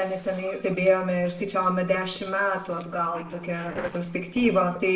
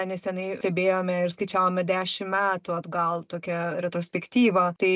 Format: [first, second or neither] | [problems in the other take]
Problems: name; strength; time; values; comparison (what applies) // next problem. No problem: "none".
second | noise reduction (neural separator model SepFormer DNS4)